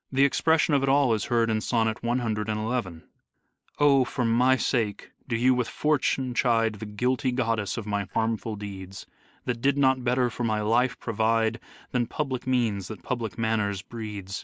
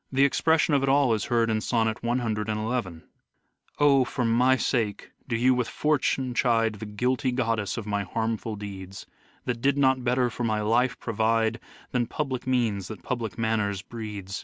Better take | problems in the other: second | noise reduction (neural mask model Resemble Enhance denoiser)

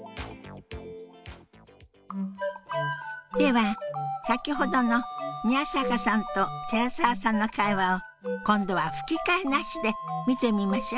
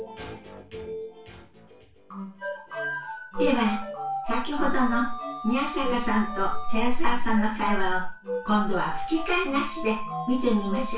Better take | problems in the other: first | room echo; dies away in 0.3 s

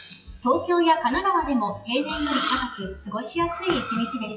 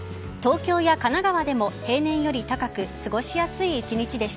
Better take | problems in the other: second | noise reduction (classical method WPE with log-MMSE)

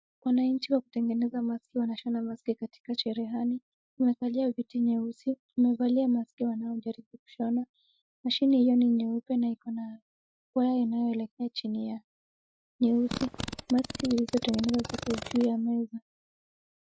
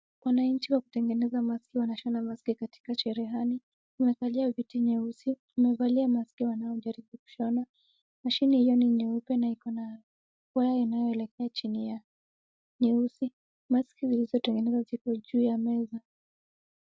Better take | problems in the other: second | noise reduction (classical method Wiener filter)

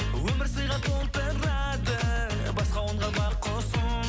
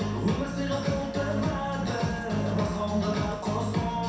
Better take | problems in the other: first | background sound (Bowed string instrument); 20 dB below the speech // room echo; dies away in 0.7 s

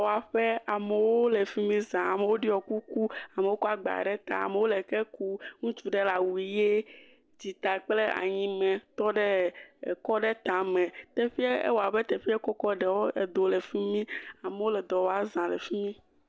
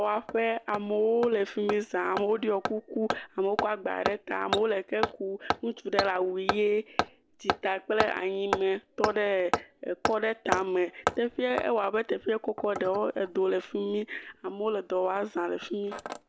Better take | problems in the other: first | background sound (Hammer); 7 dB below the speech

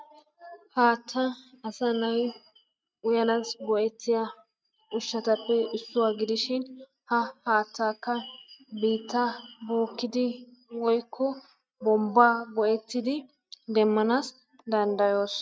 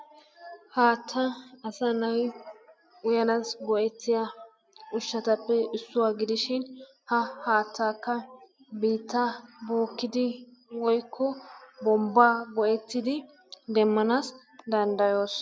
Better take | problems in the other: second | noise reduction (neural mask model RNNoise)

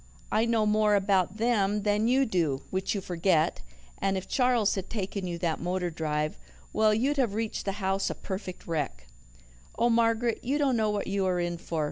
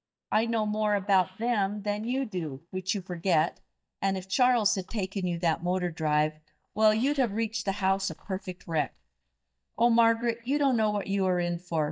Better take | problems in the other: first | noise reduction (neural mask model DeepFilterNet 3)

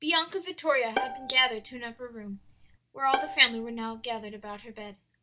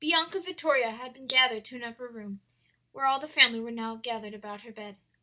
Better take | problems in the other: second | background sound (Bowed string instrument); 8 dB below the speech

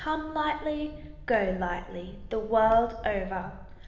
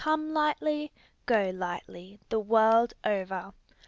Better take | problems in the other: second | background sound (Train); 13 dB below the speech // room echo; dies away in 1.1 s

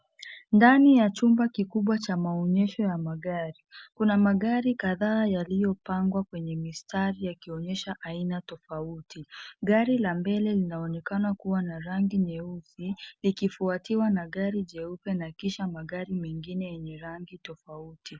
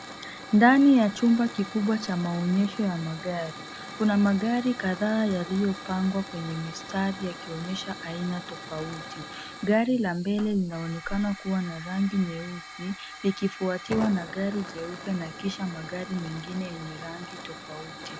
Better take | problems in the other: first | background sound (Hiss / Fire); 13 dB below the speech

